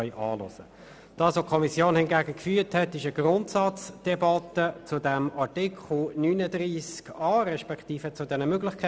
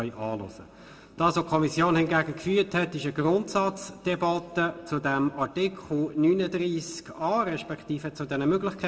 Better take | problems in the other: first | room echo; dies away in 1.1 s

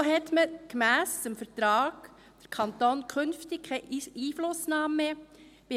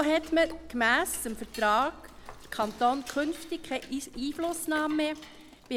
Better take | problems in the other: first | background sound (Cutlery, silverware / Dishes, pots, and pans); 17 dB below the speech

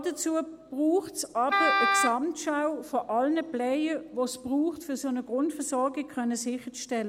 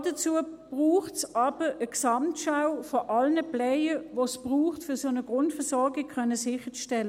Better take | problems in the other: second | background sound (Wind instrument, woodwind instrument); 2 dB above the speech

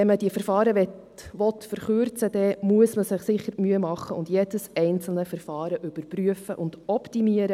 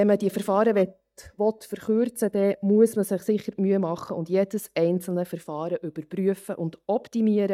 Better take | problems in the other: first | noise reduction (neural mask model DeepFilterNet 3)

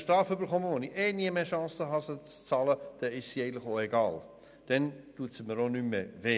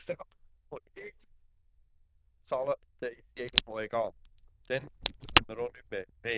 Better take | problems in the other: first | noise reduction (neural diffusion model UNIVERSE++)

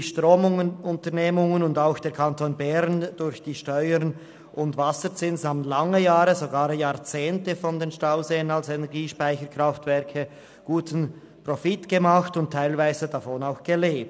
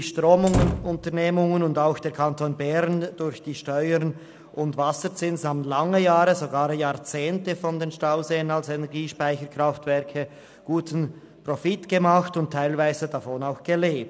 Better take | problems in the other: first | background sound (Slam); 2 dB below the speech

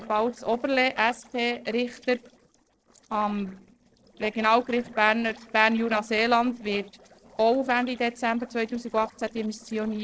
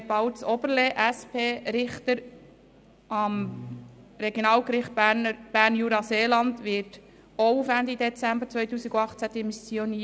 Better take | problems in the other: second | noise reduction (neural separator model SepFormer DNS4)

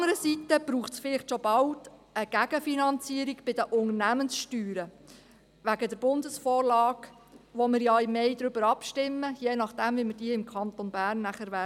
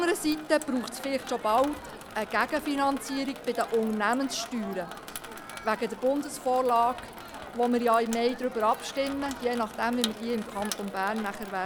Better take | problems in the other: first | background sound (Crowd + Sink (filling or washing) / Water tap, faucet); 12 dB below the speech

